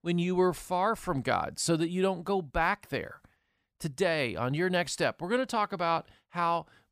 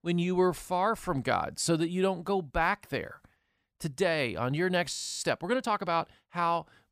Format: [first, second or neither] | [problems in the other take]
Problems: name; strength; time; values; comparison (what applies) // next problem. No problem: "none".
first | audio freezing; at 5 s